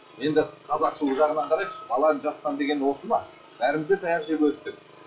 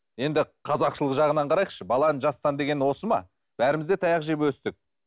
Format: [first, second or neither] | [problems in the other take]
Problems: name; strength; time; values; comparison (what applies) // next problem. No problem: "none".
second | noise reduction (classical method WPE with log-MMSE)